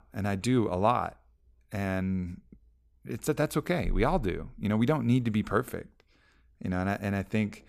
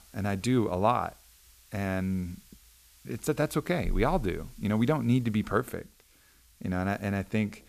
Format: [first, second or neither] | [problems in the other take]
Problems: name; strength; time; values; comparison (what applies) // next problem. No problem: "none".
first | hiss; faint; throughout; 25 dB below the speech